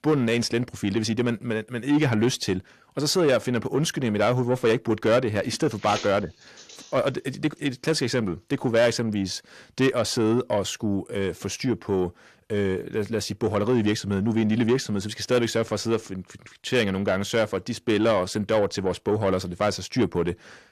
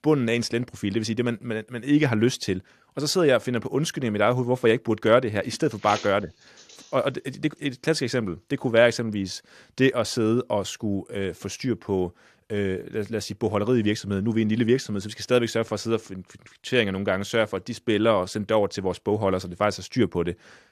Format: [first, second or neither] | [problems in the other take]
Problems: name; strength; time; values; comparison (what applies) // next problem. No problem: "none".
second | distortion; slight; 10 dB below the speech